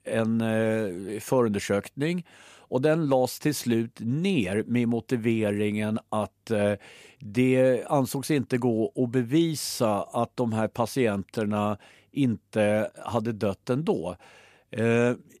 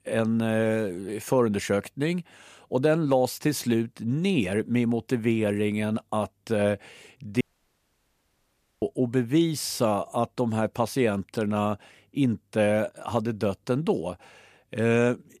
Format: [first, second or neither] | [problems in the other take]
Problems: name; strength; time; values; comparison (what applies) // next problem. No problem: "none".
first | audio cutting out; at 7.5 s for 1.5 s